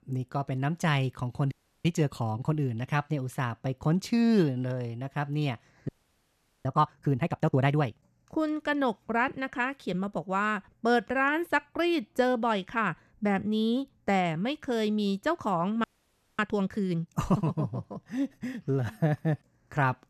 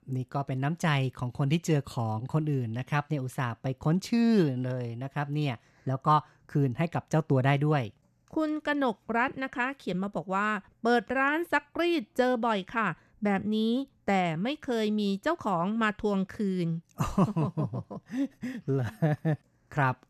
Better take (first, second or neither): second